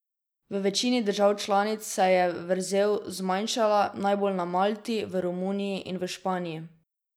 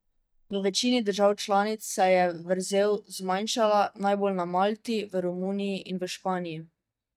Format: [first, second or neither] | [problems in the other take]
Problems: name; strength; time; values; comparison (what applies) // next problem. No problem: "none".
first | noise reduction (neural mask model DeepFilterNet 3)